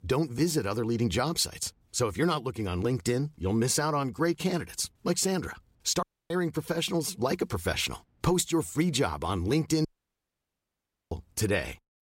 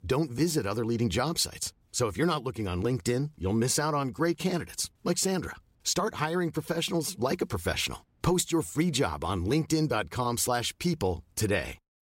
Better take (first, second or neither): second